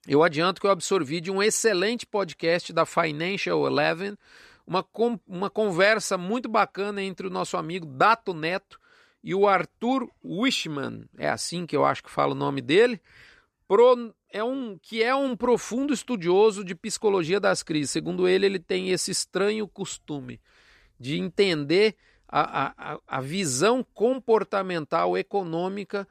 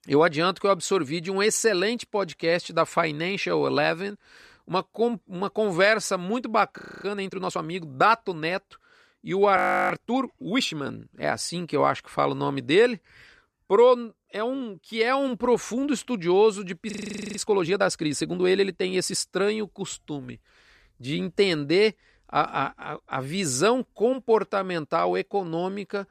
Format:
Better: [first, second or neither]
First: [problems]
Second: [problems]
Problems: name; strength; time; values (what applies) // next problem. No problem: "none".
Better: first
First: none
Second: audio freezing; at 7 s, at 9.5 s and at 17 s